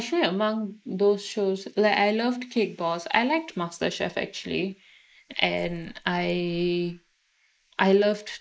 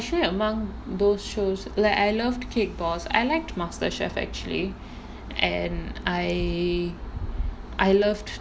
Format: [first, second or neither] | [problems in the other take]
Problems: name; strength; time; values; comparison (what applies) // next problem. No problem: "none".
second | noise reduction (neural mask model Resemble Enhance denoiser)